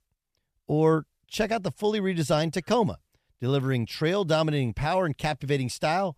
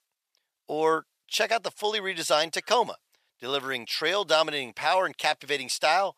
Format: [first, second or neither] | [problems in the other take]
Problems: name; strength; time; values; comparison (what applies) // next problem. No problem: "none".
first | thin; very; fading below 700 Hz